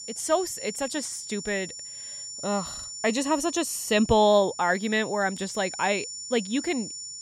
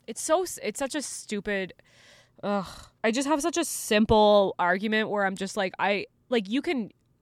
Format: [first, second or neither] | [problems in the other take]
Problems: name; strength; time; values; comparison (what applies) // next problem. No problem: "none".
second | high-pitched whine; loud; throughout; 7 kHz, 10 dB below the speech